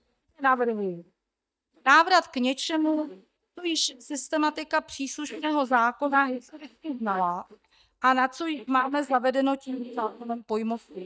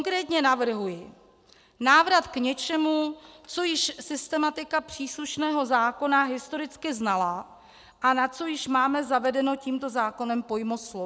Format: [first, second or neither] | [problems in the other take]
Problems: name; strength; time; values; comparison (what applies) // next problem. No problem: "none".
second | noise reduction (neural mask model DeepFilterNet 3)